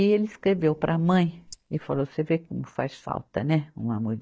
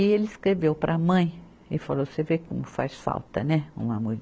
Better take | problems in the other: second | noise reduction (neural mask model DeepFilterNet 3)

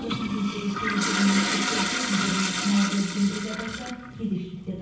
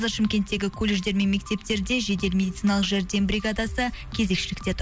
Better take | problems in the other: second | background sound (Toilet flush); 2 dB below the speech // room echo; dies away in 0.9 s

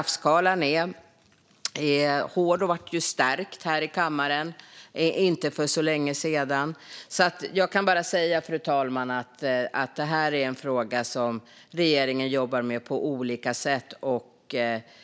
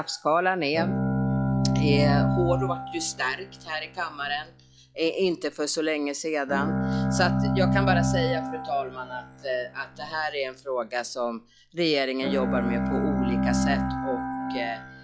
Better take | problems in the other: first | noise reduction (classical method log-MMSE)

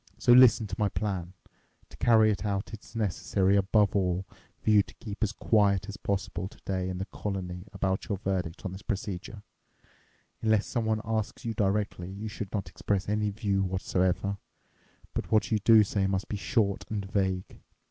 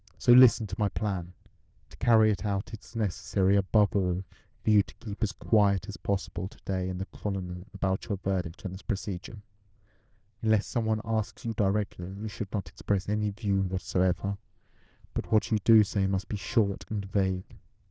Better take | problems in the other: first | noise reduction (neural diffusion model UNIVERSE++)

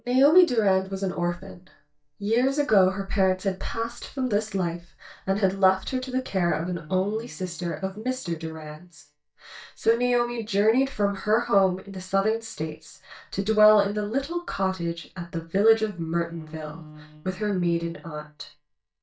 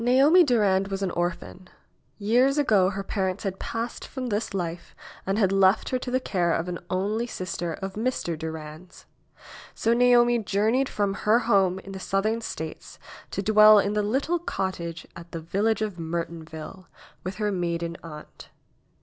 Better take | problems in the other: second | noise reduction (neural mask model DeepFilterNet 3)

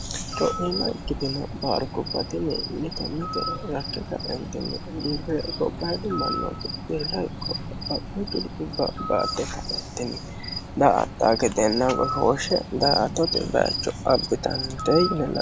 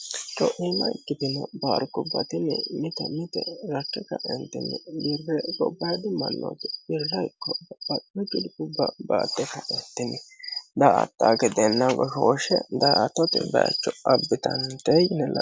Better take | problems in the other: second | background sound (Bird); 8 dB below the speech

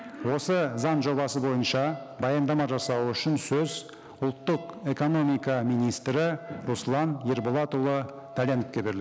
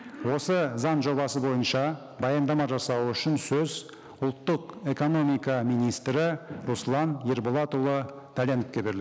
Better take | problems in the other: second | background sound (Wind instrument, woodwind instrument); 19 dB below the speech

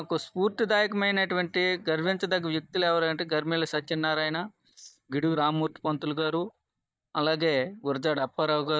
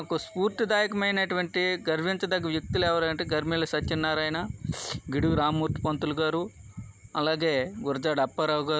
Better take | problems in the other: second | noise reduction (neural mask model DeepFilterNet 3)

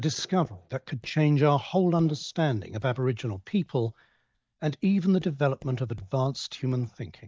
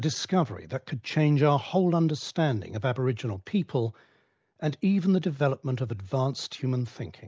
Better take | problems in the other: second | noise reduction (neural mask model DeepFilterNet 3)

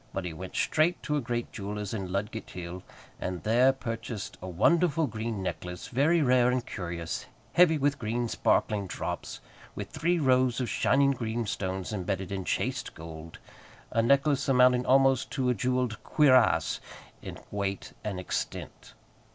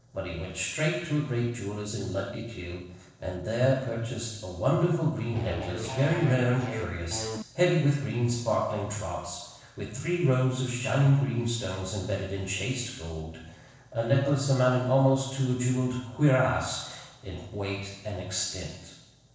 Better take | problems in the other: first | noise reduction (neural separator model SepFormer DNS4)

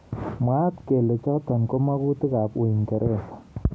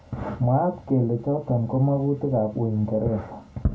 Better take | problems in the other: first | room echo; dies away in 0.2 s

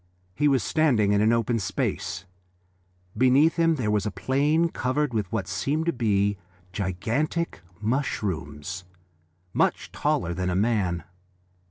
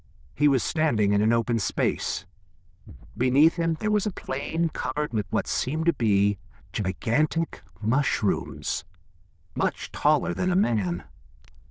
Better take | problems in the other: first | noise reduction (neural diffusion model UNIVERSE++)

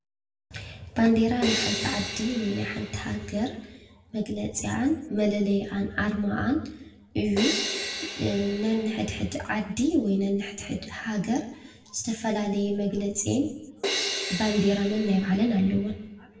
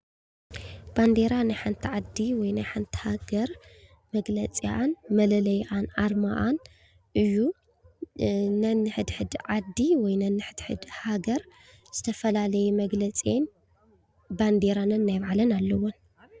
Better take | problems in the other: second | background sound (Crash cymbal); 6 dB below the speech // room echo; dies away in 0.6 s

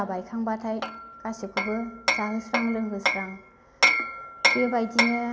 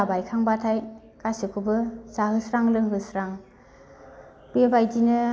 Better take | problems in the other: second | background sound (Hammer); 2 dB above the speech

